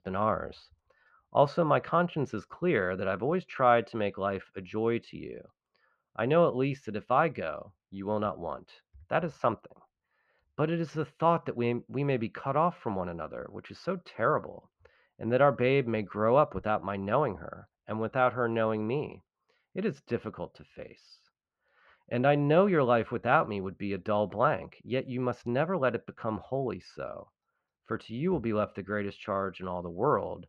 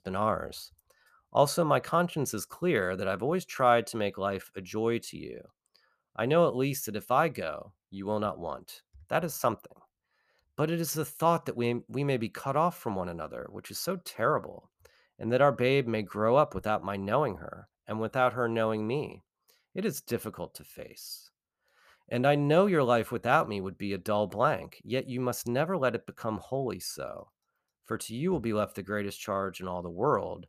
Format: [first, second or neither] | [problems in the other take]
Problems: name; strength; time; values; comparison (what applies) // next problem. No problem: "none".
second | muffled; slightly; fading above 3 kHz